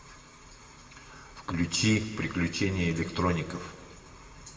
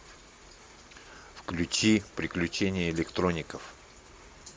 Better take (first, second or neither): second